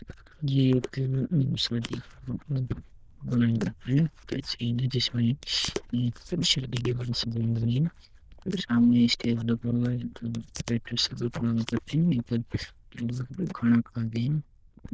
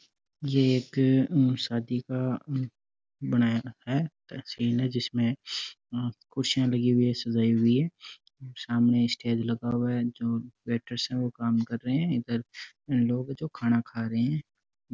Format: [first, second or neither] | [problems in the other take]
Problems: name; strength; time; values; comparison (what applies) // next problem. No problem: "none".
second | noise reduction (neural diffusion model UNIVERSE++)